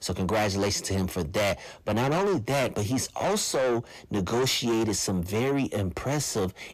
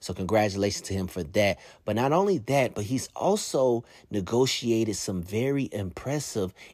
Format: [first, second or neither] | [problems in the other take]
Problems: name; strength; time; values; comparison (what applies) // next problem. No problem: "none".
second | distortion; heavy; 6 dB below the speech